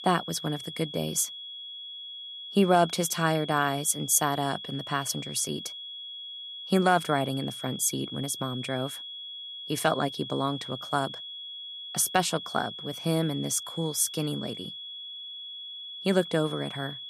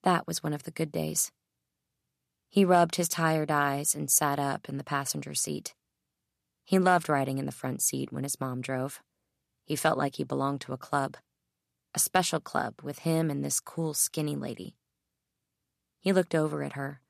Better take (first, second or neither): second